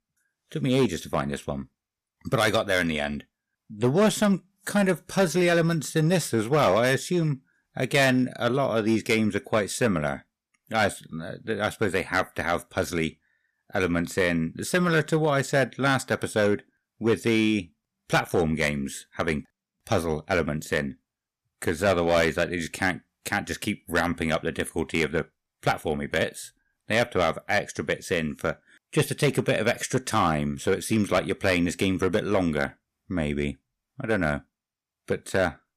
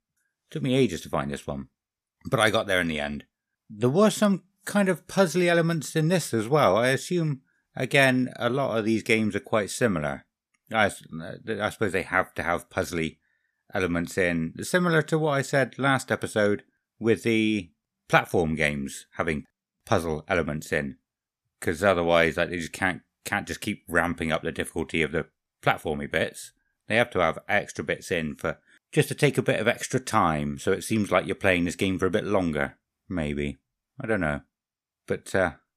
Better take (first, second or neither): second